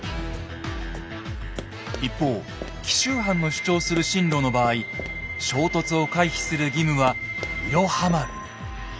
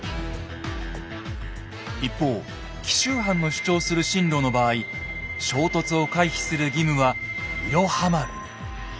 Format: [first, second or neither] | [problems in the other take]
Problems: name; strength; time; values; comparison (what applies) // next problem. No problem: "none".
second | background sound (Run); 15 dB below the speech